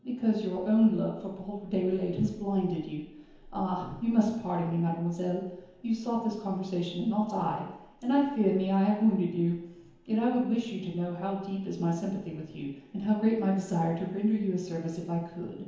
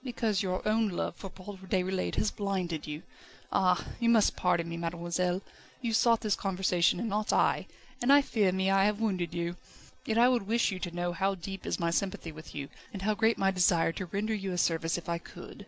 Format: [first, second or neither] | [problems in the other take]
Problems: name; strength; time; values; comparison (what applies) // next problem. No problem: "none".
second | room echo; dies away in 1 s